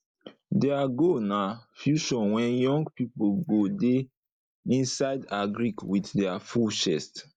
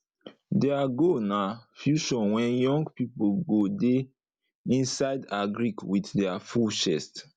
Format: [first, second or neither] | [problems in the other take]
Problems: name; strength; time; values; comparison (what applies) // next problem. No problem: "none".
second | noise reduction (neural mask model Resemble Enhance denoiser)